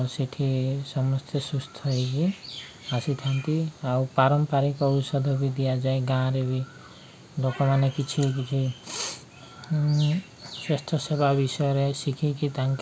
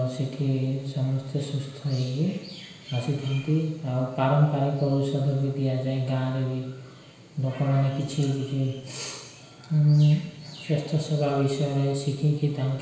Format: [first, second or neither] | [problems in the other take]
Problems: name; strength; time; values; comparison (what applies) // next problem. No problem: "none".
first | room echo; dies away in 1 s